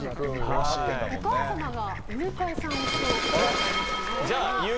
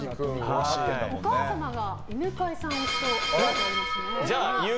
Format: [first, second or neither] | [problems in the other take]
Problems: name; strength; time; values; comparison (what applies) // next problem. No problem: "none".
second | background sound (Fowl); 5 dB below the speech